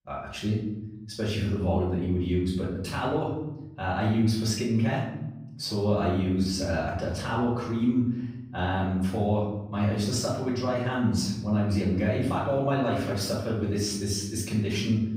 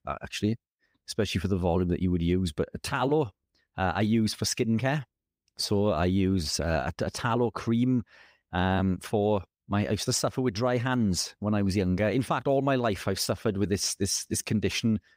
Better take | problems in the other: second | off-mic speech; far // room echo; noticeable; dies away in 1.1 s

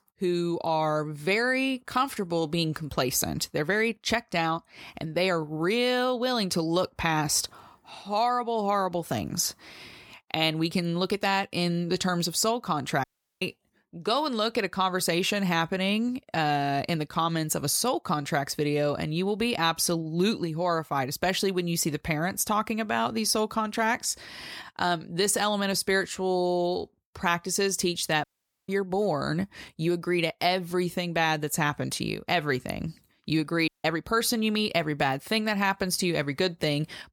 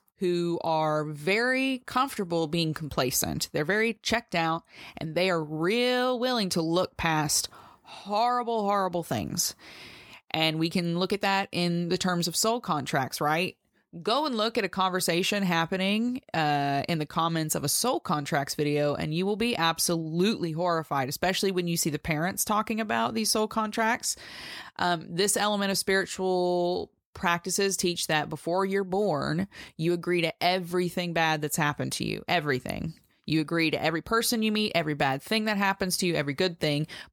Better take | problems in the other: second | audio cutting out; at 13 s, at 28 s and at 34 s

